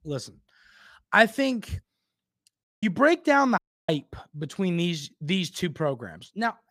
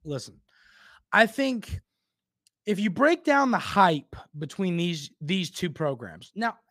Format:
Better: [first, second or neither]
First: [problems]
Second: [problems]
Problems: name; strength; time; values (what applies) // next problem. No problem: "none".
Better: second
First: audio cutting out; at 2.5 s and at 3.5 s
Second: none